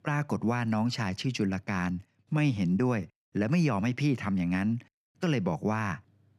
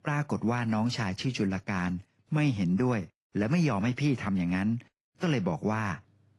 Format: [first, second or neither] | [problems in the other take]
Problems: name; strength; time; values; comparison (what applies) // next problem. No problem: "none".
first | garbled, watery; slightly; nothing above 11.5 kHz